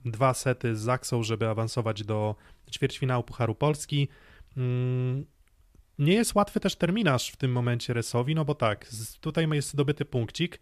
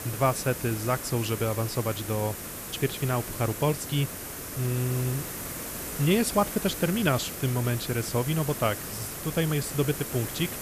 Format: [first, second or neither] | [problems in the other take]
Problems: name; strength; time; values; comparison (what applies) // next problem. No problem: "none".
first | hiss; loud; throughout; 6 dB below the speech